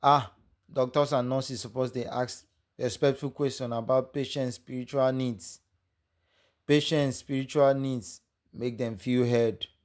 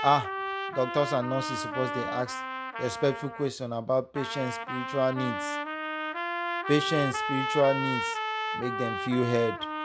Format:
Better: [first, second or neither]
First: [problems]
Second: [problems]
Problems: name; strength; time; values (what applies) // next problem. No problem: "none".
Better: first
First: none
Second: background sound (Trumpet); 3 dB below the speech